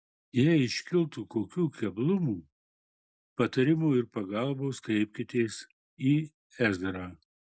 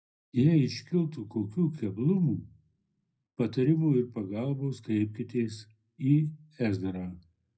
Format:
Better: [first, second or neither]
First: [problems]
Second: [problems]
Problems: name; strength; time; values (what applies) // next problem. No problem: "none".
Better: first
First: none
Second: room echo; dies away in 0.4 s